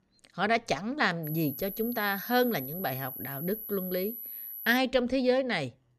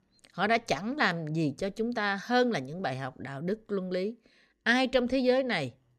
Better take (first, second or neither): second